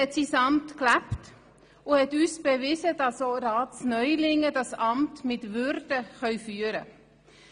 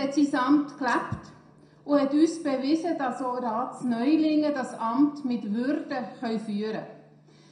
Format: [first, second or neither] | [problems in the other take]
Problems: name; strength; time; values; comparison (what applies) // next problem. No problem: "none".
first | room echo; dies away in 0.5 s